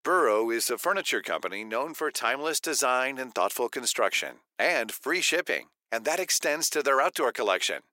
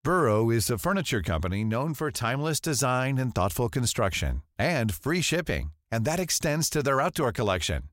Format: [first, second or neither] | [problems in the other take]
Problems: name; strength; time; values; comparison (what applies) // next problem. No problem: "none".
second | thin; very; fading below 350 Hz